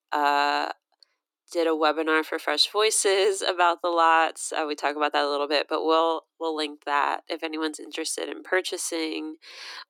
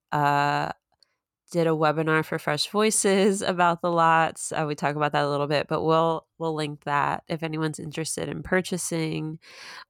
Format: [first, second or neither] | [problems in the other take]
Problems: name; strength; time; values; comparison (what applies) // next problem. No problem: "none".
second | thin; somewhat; fading below 300 Hz